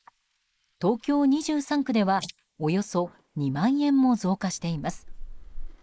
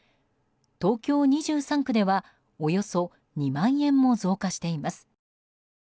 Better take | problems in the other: second | noise reduction (neural mask model Resemble Enhance denoiser)

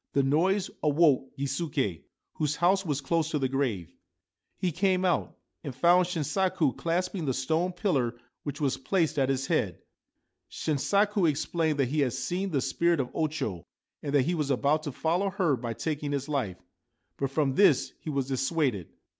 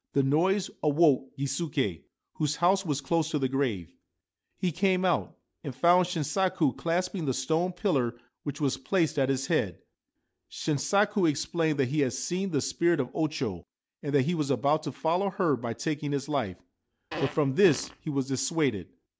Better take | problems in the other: first | background sound (Fart); 11 dB below the speech

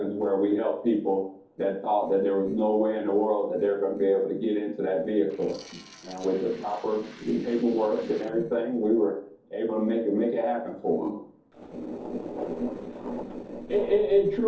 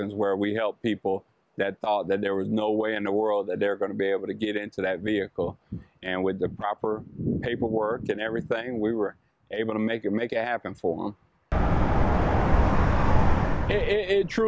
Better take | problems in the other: second | noise reduction (neural separator model SepFormer DNS4)

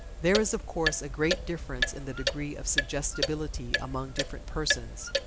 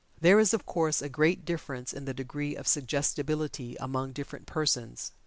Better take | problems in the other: second | background sound (Clock); 1 dB below the speech

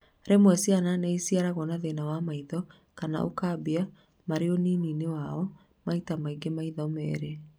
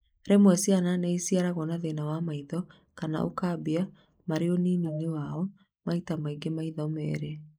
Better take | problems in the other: first | noise reduction (neural mask model Resemble Enhance denoiser)

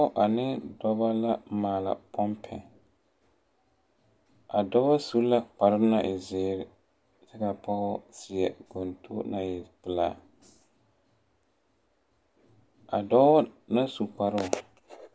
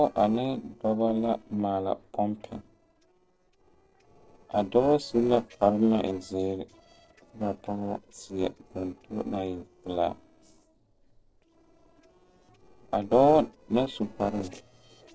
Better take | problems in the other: first | noise reduction (neural separator model SepFormer DNS4)

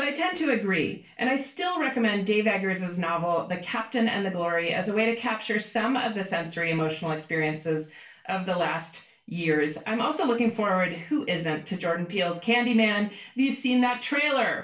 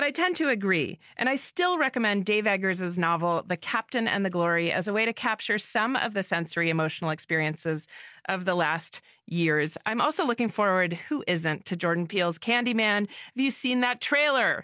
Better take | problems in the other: second | room echo; dies away in 0.3 s

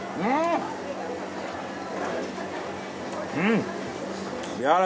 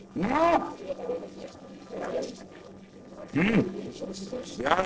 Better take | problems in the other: first | noise reduction (neural separator model SepFormer DNS4)

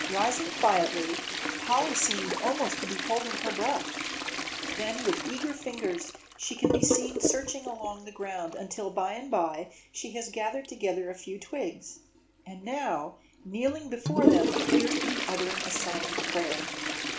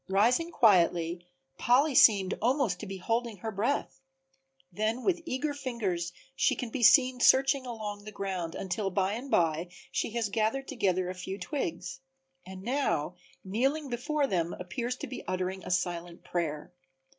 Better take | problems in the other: second | background sound (Toilet flush); as loud as the speech // room echo; dies away in 0.4 s

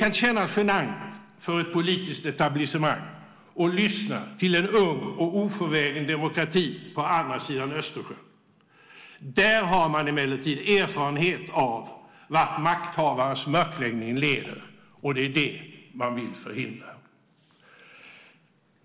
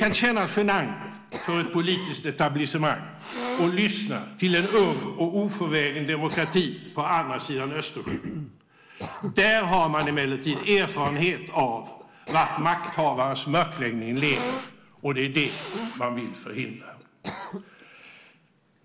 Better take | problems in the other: first | background sound (Cough); 13 dB below the speech

